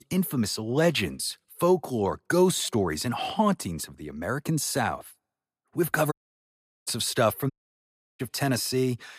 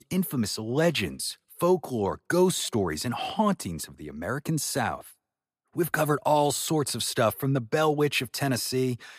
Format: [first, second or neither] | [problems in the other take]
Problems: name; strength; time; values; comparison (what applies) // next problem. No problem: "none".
second | audio cutting out; at 6 s for 0.5 s and at 7.5 s for 0.5 s